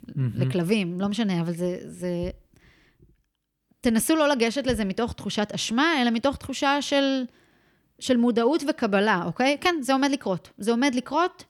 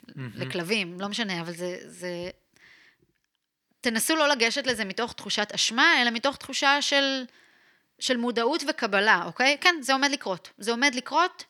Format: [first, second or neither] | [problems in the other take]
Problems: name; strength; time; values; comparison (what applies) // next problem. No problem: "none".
first | thin; somewhat; fading below 450 Hz